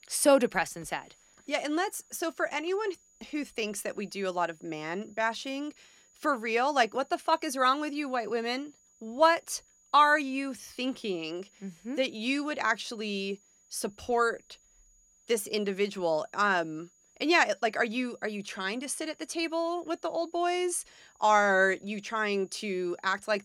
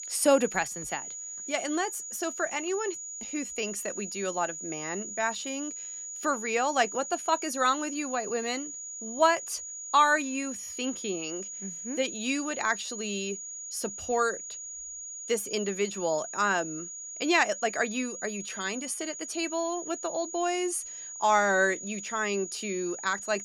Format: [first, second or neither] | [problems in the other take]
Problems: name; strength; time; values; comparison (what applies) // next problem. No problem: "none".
first | high-pitched whine; loud; throughout; 7 kHz, 7 dB below the speech; faint in the first